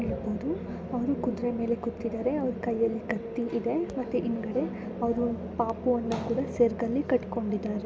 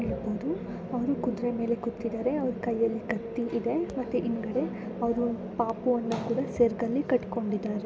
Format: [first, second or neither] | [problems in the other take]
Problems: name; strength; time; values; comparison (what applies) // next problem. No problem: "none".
second | background sound (Bass guitar); 20 dB below the speech